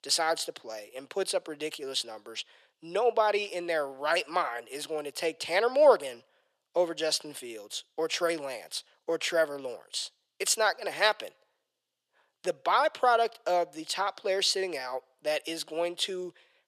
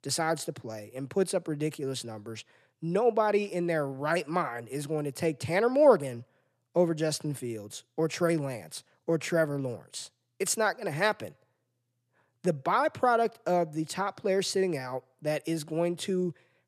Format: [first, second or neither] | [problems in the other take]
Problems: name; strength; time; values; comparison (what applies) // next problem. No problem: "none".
second | thin; very; fading below 550 Hz